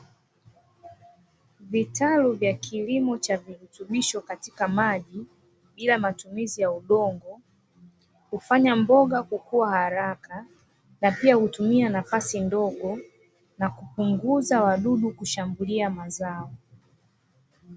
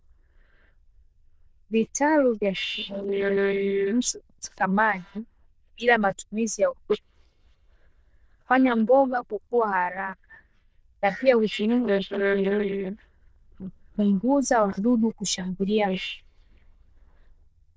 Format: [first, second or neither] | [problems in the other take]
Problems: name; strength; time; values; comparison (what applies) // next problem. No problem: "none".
first | noise reduction (neural diffusion model UNIVERSE++)